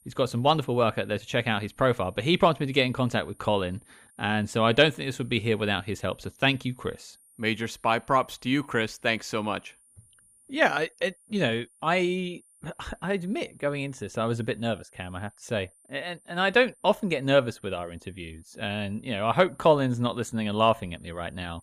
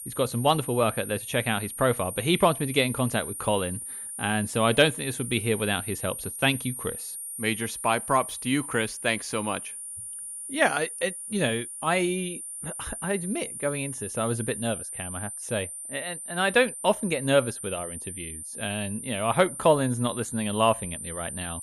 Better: first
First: high-pitched whine; faint; throughout; 9 kHz, 30 dB below the speech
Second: high-pitched whine; loud; throughout; 9 kHz, 8 dB below the speech

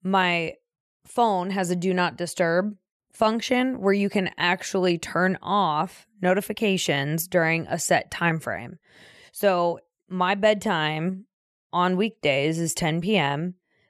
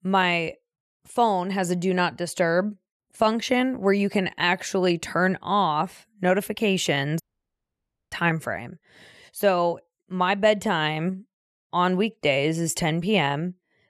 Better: first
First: none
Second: audio cutting out; at 7 s for 1 s

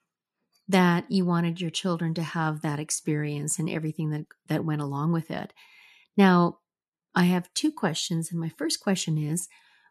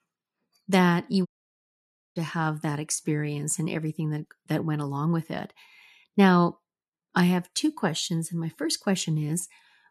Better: first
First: none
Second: audio cutting out; at 1.5 s for 1 s

